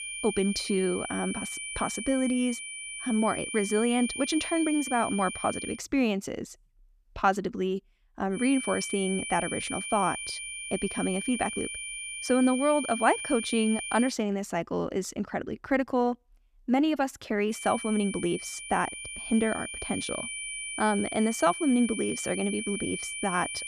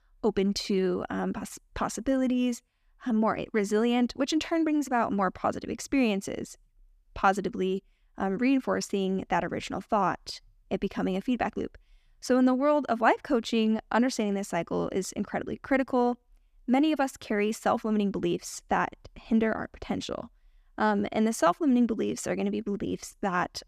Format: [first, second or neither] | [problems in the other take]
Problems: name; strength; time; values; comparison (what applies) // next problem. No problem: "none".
second | high-pitched whine; loud; until 6 s, from 8.5 to 14 s and from 18 s on; 2.5 kHz, 6 dB below the speech